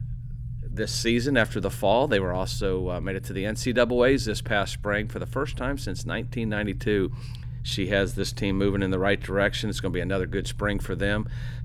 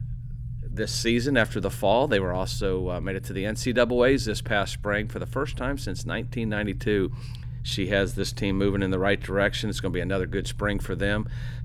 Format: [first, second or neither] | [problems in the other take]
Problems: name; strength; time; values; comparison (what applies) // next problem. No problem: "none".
neither | low rumble; faint; throughout; 20 dB below the speech; the same in both